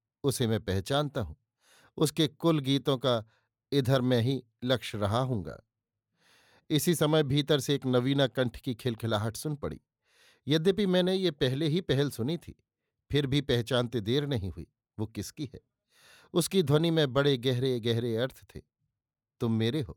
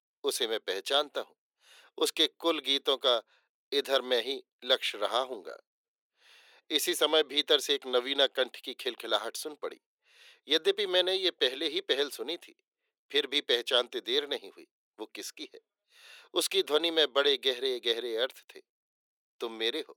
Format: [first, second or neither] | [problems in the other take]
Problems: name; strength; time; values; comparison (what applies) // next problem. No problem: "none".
first | thin; very; fading below 350 Hz